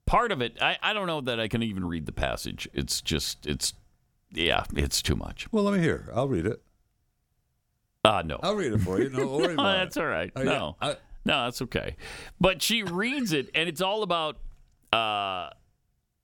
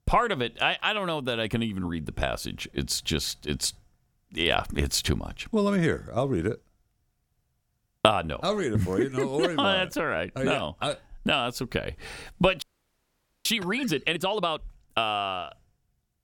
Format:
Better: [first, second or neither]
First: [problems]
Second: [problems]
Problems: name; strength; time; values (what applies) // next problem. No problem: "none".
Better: first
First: none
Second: audio freezing; at 13 s for 1 s